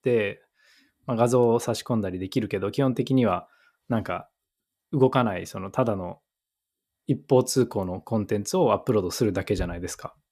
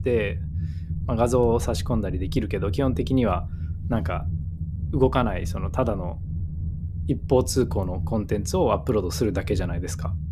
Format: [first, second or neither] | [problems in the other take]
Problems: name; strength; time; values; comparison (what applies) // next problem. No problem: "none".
first | low rumble; noticeable; throughout; 15 dB below the speech